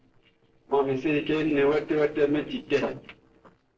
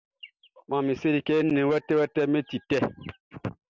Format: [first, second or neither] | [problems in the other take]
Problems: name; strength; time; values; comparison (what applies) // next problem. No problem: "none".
second | noise reduction (neural separator model SepFormer DNS4)